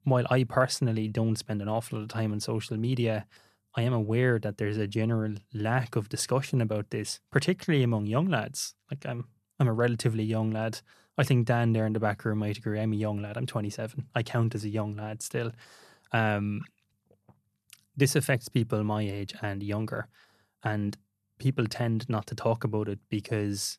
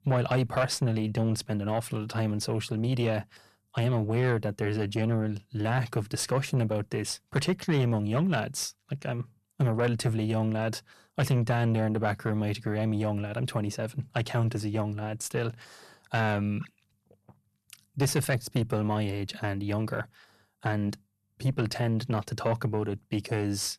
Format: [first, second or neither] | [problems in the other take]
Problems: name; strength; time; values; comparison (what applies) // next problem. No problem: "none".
first | distortion; slight; 10 dB below the speech